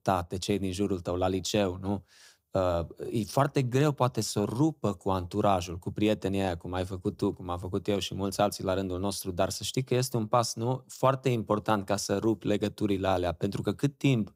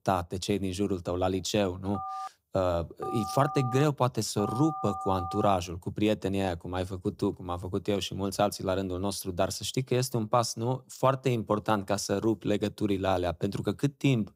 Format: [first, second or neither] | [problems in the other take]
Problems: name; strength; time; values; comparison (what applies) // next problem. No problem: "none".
first | phone ringing; noticeable; from 2 to 5.5 s; peak 7 dB below the speech